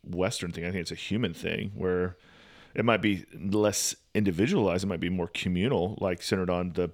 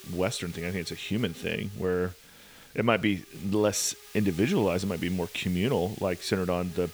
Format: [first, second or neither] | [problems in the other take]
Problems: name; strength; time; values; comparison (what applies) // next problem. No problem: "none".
first | hiss; noticeable; throughout; 20 dB below the speech